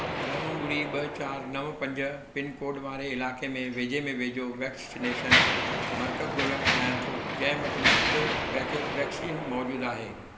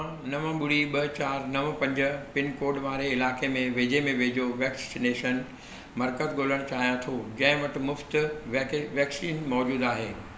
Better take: second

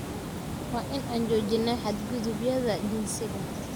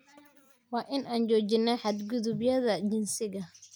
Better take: second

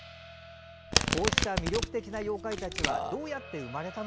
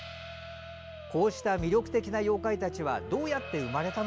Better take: second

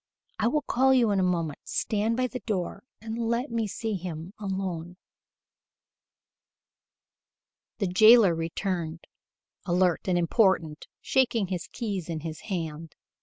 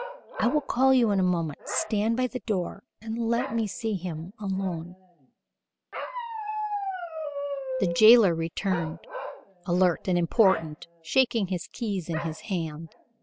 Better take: first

